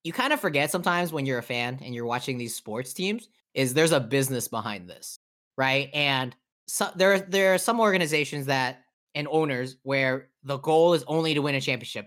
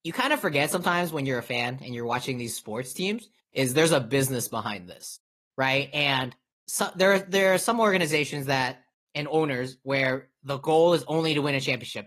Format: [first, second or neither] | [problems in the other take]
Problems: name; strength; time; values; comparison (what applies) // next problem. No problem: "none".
first | garbled, watery; slightly; nothing above 13 kHz